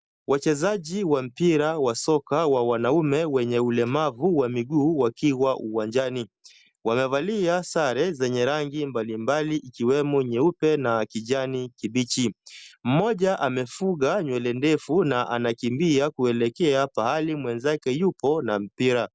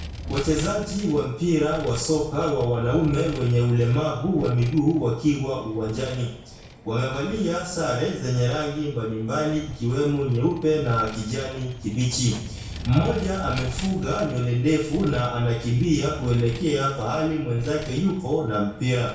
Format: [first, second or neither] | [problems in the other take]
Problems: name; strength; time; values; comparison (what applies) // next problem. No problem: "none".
first | background sound (Vehicle); 14 dB below the speech // room echo; dies away in 0.6 s